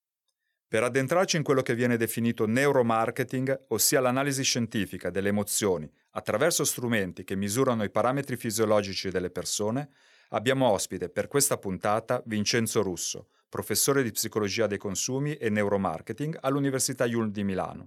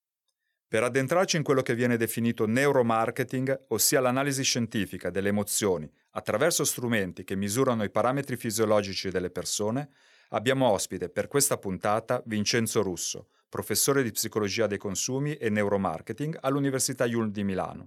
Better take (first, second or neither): neither